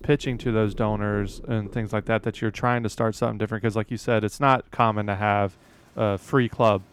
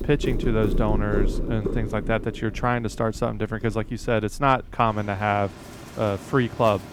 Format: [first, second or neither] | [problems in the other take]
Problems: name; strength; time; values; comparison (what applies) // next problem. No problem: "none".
first | animal sounds; loud; throughout; 8 dB below the speech; faint in the first